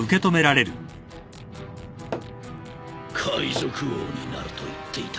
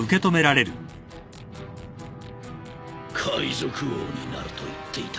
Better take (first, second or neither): second